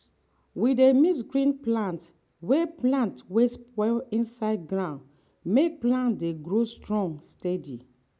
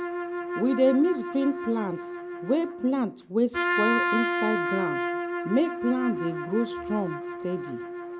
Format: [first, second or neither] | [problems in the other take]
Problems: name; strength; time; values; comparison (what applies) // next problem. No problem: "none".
first | background sound (Trumpet); 3 dB below the speech